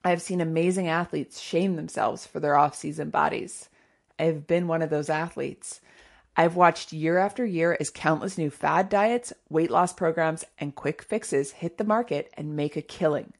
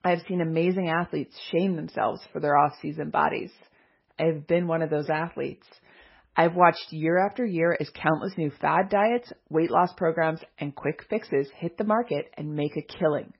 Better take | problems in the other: first | garbled, watery; badly; nothing above 5.5 kHz; slightly in the first

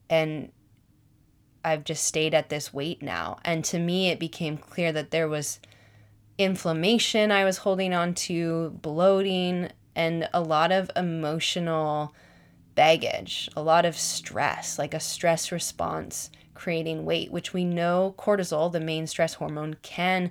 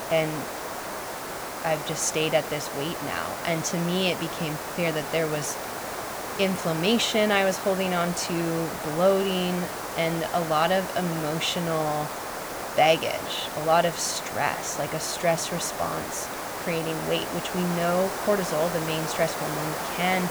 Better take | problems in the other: first | hiss; loud; throughout; 6 dB below the speech

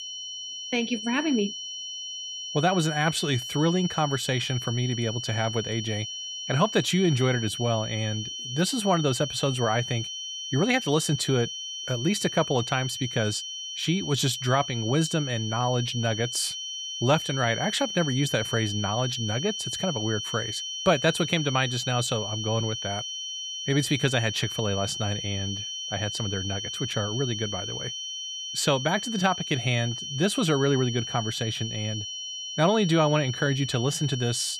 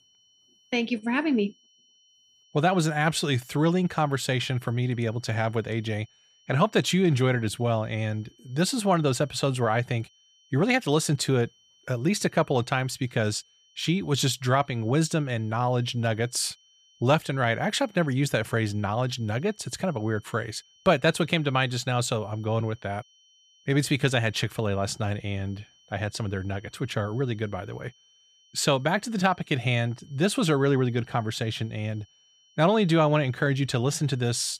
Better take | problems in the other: second | high-pitched whine; loud; throughout; 3 kHz, 5 dB below the speech; faint in the second

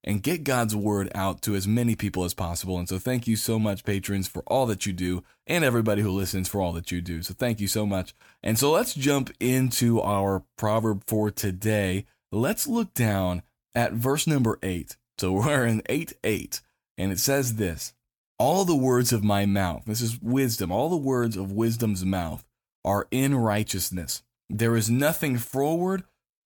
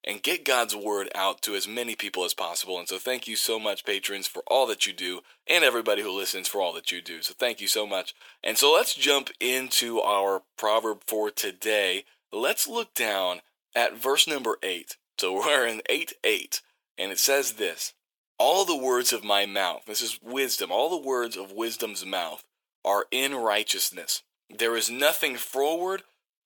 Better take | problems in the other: first | thin; very; fading below 400 Hz

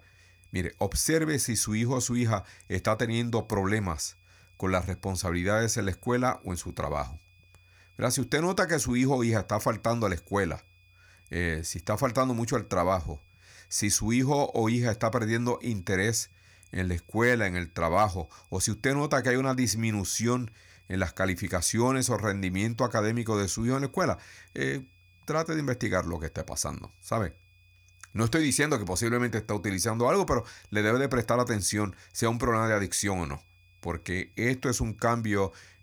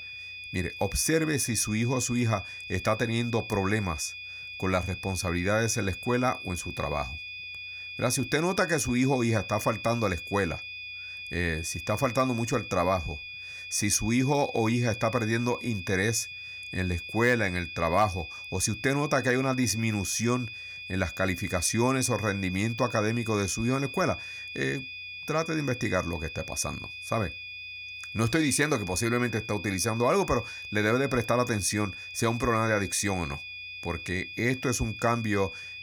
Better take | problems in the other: first | high-pitched whine; loud; throughout; 2.5 kHz, 10 dB below the speech; faint in the first

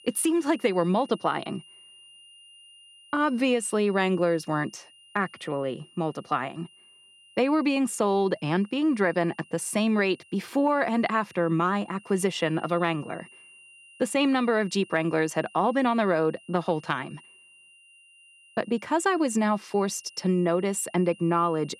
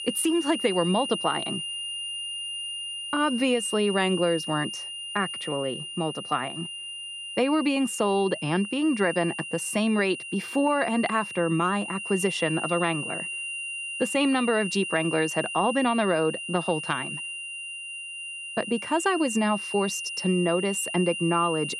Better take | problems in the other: first | high-pitched whine; loud; throughout; 3 kHz, 6 dB below the speech; faint in the first

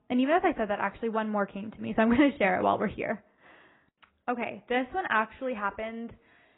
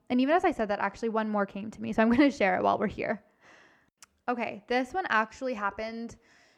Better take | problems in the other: second | garbled, watery; badly; nothing above 3.5 kHz

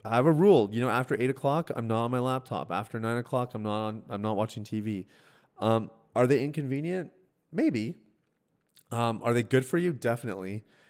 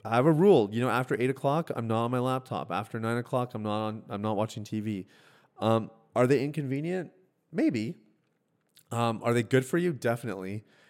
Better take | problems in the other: second | garbled, watery; slightly; nothing above 16.5 kHz

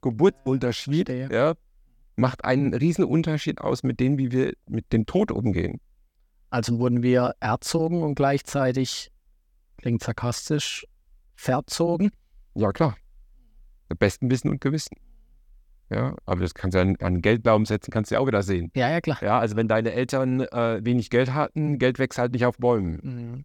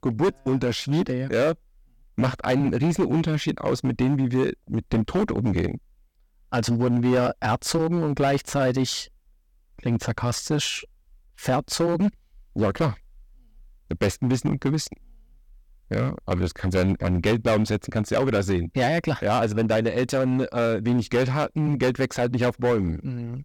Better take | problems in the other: first | distortion; slight; 8% of the sound clipped

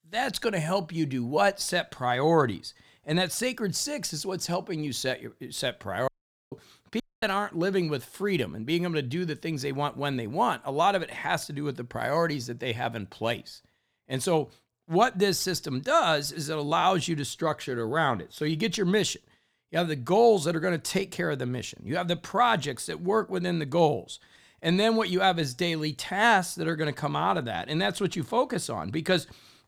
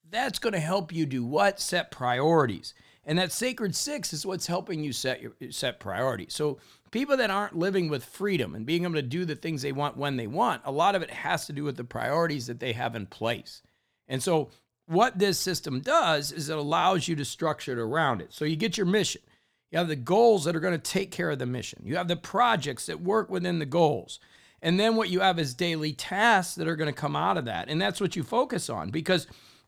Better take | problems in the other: second | audio cutting out; at 6 s and at 7 s

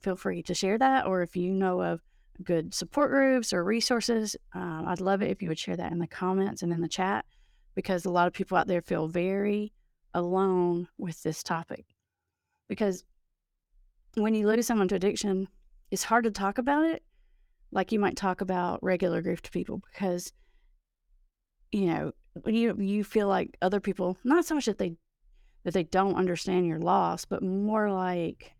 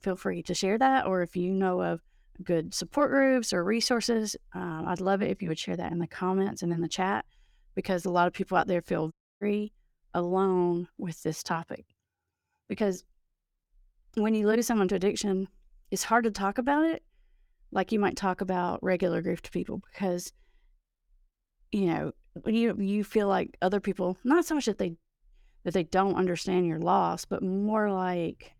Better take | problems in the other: first | audio cutting out; at 9 s

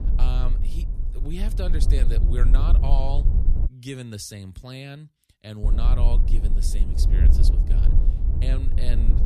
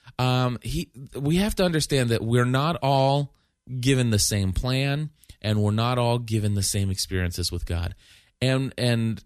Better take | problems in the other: second | wind noise on the microphone; heavy; until 3.5 s and from 5.5 s on; 4 dB below the speech

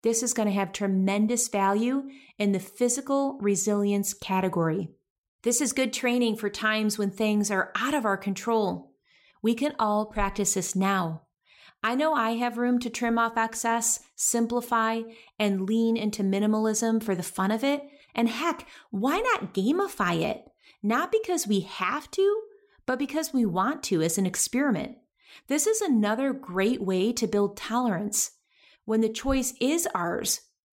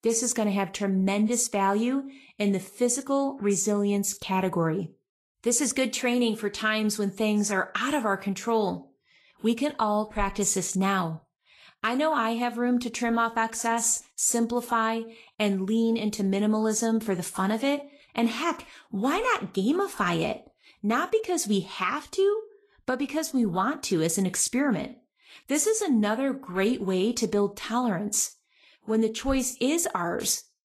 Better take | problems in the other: first | garbled, watery; slightly; nothing above 12.5 kHz

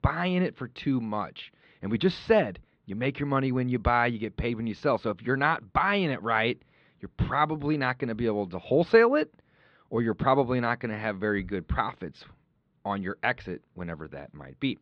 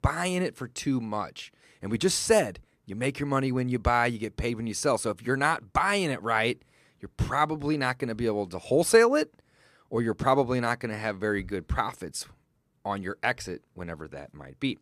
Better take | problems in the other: second | muffled; slightly; fading above 3.5 kHz

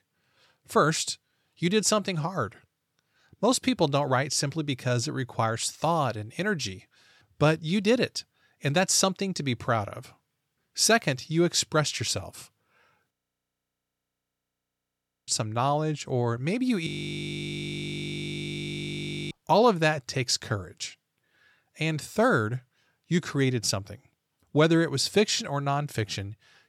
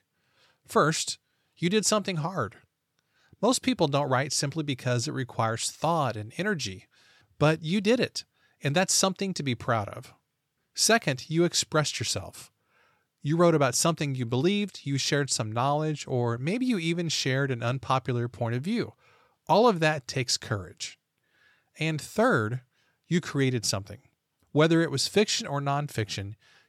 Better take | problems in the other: second | audio freezing; at 13 s for 2 s and at 17 s for 2.5 s

